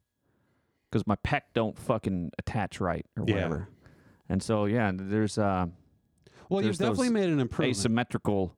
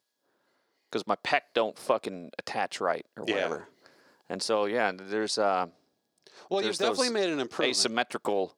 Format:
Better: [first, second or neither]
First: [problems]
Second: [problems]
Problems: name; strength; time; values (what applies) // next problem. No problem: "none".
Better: first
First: none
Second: thin; somewhat; fading below 500 Hz